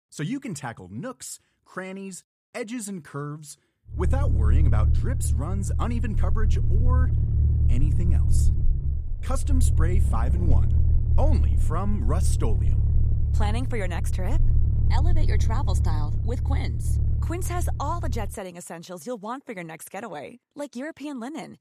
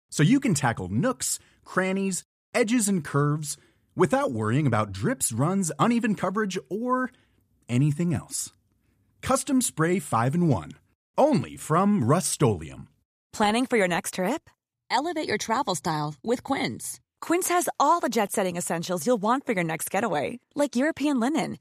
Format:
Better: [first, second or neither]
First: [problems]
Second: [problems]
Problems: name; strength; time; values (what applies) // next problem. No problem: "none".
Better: second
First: low rumble; loud; from 4 to 18 s; 5 dB below the speech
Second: none